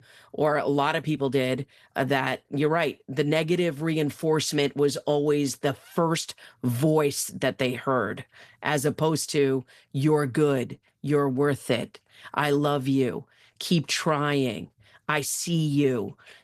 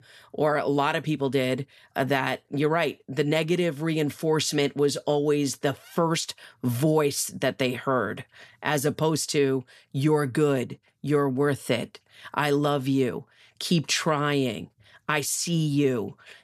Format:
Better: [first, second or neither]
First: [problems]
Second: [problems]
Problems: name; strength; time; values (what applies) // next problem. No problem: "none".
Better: second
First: garbled, watery; slightly; nothing above 13.5 kHz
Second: none